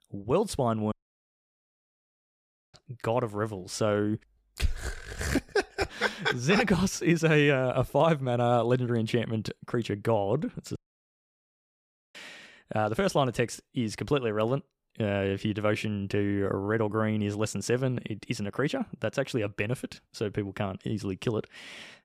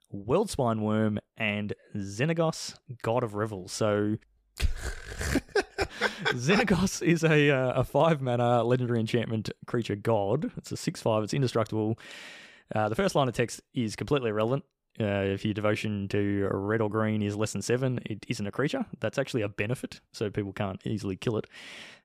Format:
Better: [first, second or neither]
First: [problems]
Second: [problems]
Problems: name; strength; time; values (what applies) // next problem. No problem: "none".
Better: second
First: audio cutting out; at 1 s for 2 s and at 11 s for 1.5 s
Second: none